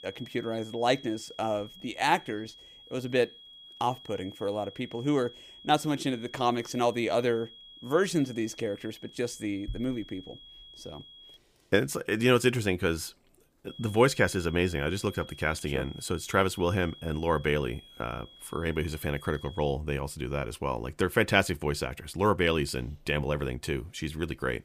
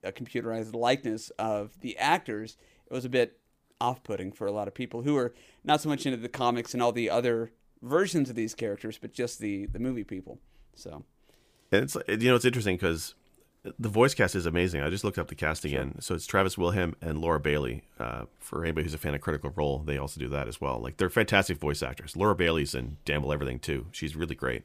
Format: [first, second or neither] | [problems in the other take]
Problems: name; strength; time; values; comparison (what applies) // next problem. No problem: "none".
second | high-pitched whine; noticeable; until 11 s and from 14 to 20 s; 3.5 kHz, 20 dB below the speech